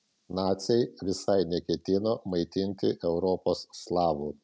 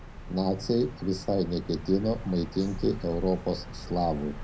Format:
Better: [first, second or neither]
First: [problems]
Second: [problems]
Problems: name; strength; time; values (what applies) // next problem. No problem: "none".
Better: first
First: none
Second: background sound (Bird vocalization, bird call, bird song); 11 dB below the speech // room echo; dies away in 0.4 s